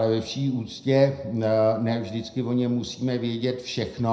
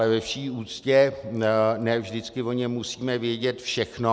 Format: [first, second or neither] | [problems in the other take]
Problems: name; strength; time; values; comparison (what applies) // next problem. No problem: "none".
second | room echo; dies away in 0.4 s